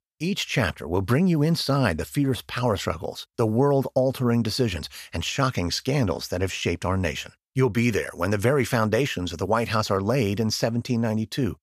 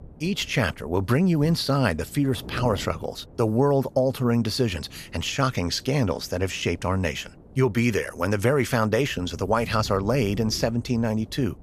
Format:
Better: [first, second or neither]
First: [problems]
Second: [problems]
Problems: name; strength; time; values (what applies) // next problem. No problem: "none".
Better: first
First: none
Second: wind noise on the microphone; occasional gusts; 25 dB below the speech